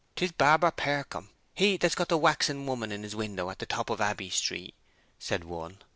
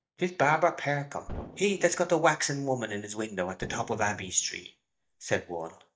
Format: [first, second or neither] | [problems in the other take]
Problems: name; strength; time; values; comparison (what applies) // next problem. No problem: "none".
first | noise reduction (neural mask model DeepFilterNet 3)